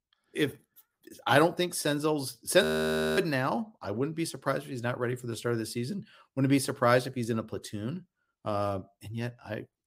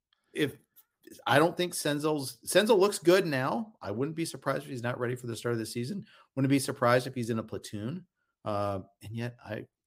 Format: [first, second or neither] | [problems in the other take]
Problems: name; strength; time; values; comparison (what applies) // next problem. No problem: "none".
second | audio freezing; at 2.5 s for 0.5 s